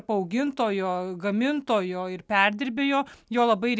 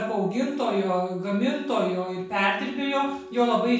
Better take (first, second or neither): first